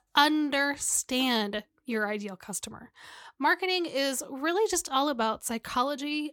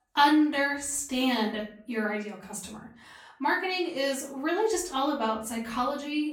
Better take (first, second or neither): first